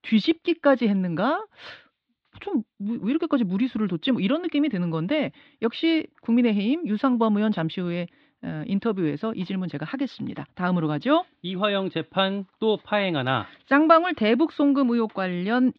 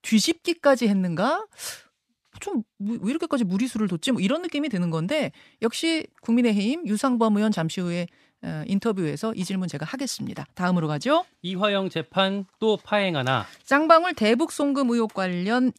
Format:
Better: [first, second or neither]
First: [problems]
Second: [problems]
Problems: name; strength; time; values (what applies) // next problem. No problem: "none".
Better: second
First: muffled; slightly; fading above 4 kHz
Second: none